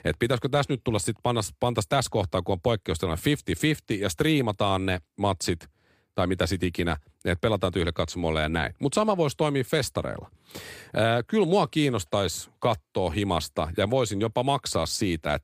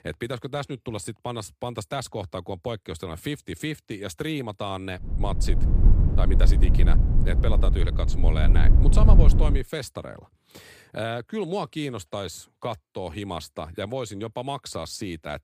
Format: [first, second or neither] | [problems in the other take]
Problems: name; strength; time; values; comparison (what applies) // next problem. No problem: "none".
first | low rumble; loud; from 5 to 9.5 s; 5 dB below the speech